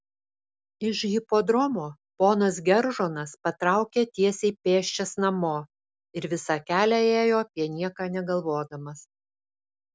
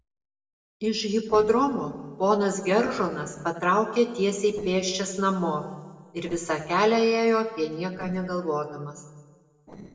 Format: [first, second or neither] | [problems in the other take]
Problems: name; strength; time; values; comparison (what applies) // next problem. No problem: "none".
first | noise reduction (neural separator model SepFormer DNS4)